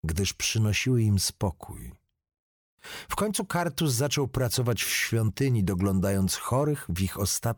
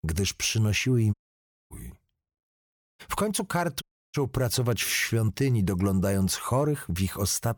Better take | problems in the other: first | audio cutting out; at 1 s for 0.5 s, at 3 s and at 4 s

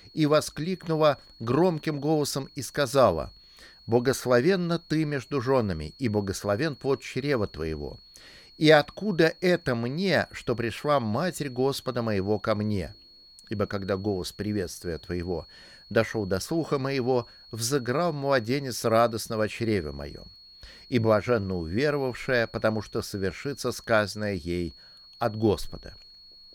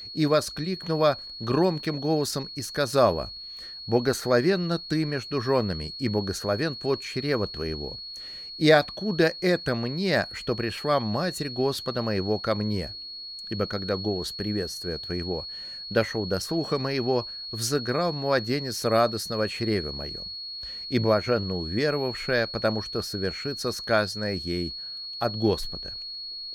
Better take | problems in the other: first | high-pitched whine; loud; throughout; 4.5 kHz, 8 dB below the speech; faint in the first

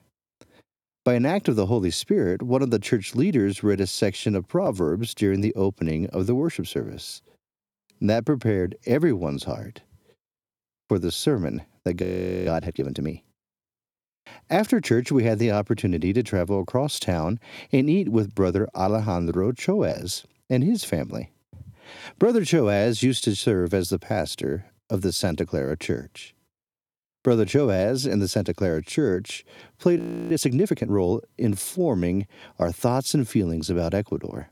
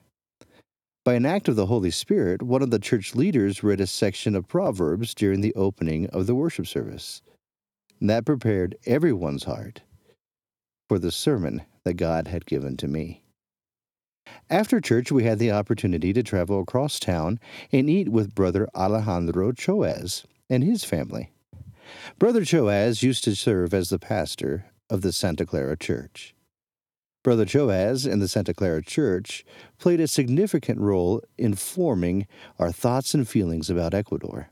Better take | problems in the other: second | audio freezing; at 12 s and at 30 s

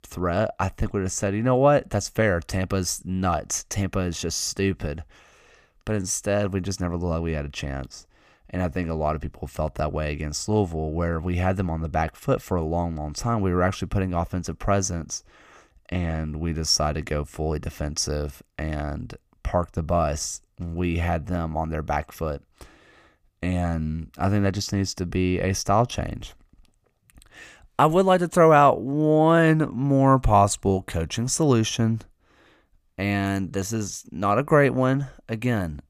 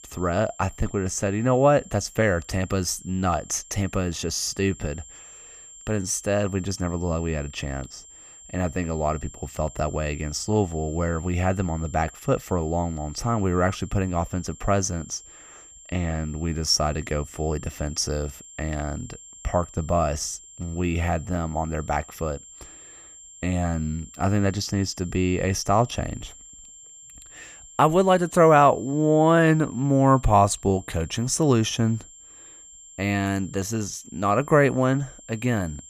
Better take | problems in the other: first | high-pitched whine; noticeable; throughout; 7.5 kHz, 20 dB below the speech

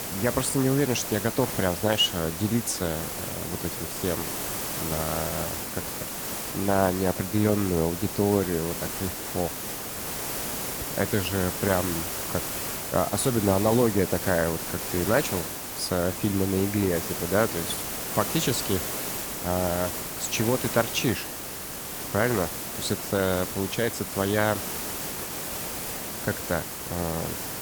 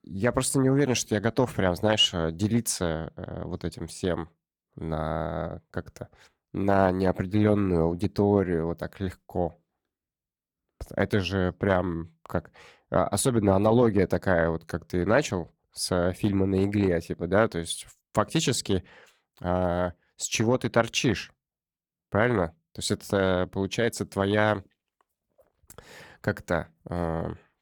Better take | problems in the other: second | hiss; loud; throughout; 3 dB below the speech

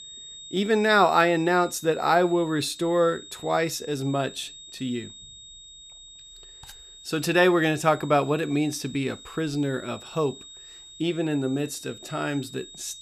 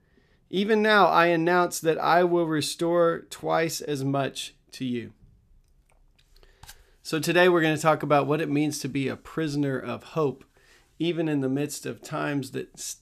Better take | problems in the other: second | high-pitched whine; noticeable; throughout; 3.5 kHz, 20 dB below the speech

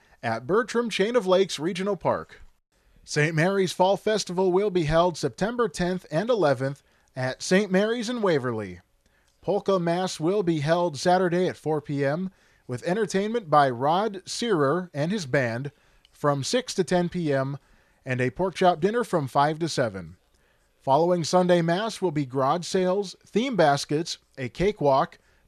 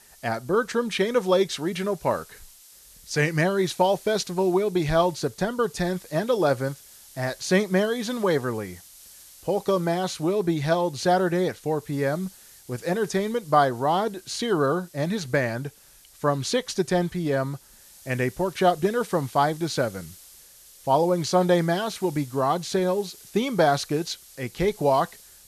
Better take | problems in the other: first | hiss; faint; throughout; 25 dB below the speech

